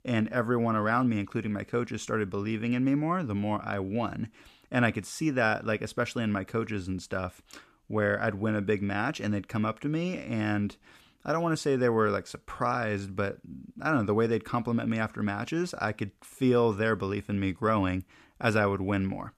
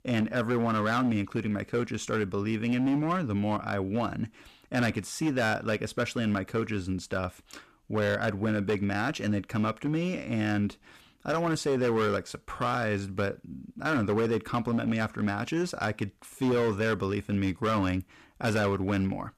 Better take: first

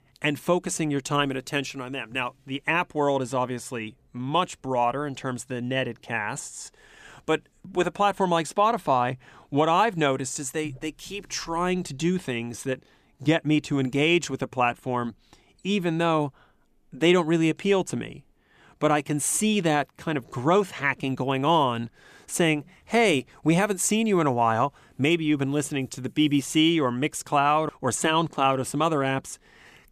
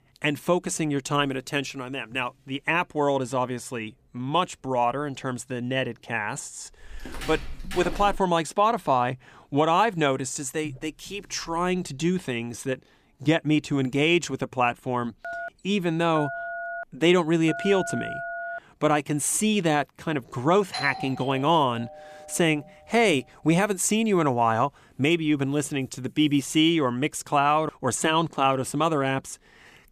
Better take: first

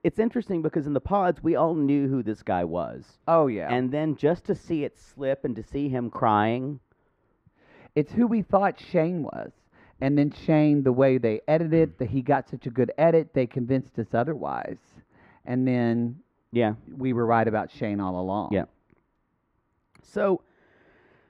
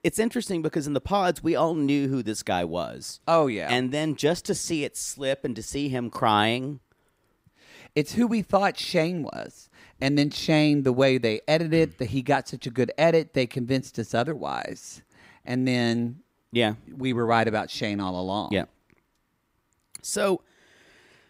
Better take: second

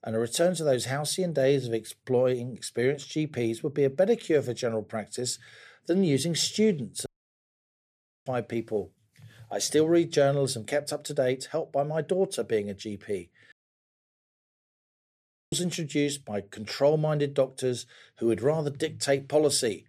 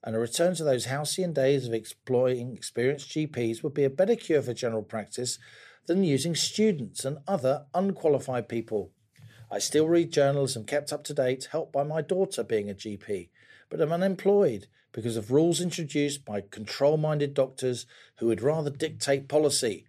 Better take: second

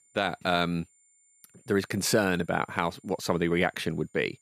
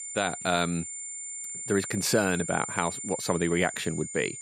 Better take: first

